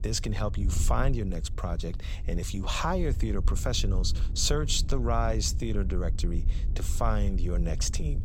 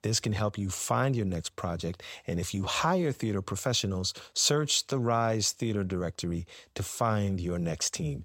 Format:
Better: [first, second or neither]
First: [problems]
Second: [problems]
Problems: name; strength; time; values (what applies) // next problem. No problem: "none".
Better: second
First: wind noise on the microphone; occasional gusts; 15 dB below the speech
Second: none